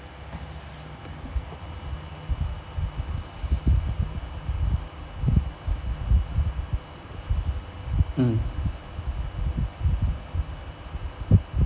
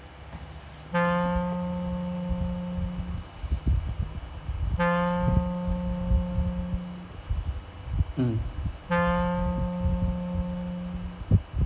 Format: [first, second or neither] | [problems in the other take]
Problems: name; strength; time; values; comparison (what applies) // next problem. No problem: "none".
first | background sound (Wind instrument, woodwind instrument); as loud as the speech